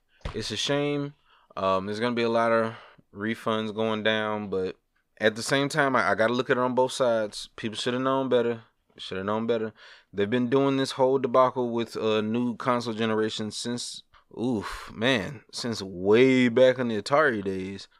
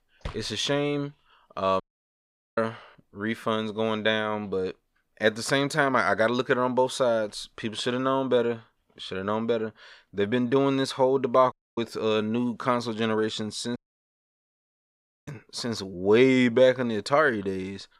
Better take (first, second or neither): first